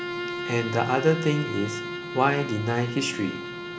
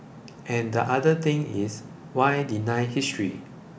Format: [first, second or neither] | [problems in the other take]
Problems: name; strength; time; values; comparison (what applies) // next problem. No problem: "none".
second | background sound (Bowed string instrument); 7 dB below the speech